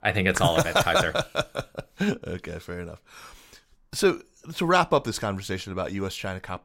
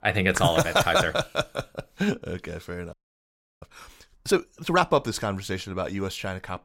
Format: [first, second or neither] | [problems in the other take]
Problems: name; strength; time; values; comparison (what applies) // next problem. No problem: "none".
first | audio freezing; at 3 s for 0.5 s